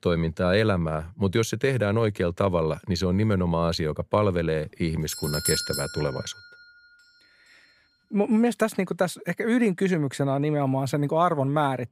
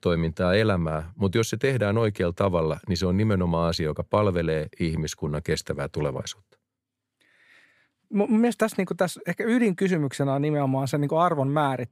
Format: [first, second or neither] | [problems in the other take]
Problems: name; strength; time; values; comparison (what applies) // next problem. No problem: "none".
second | doorbell; noticeable; from 5 to 6 s; peak 1 dB below the speech